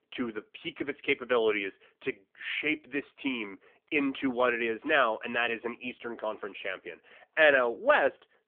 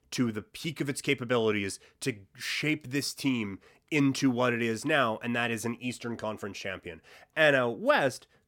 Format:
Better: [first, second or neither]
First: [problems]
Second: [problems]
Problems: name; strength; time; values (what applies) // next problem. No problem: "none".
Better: second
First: phone-call audio; nothing above 3 kHz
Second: none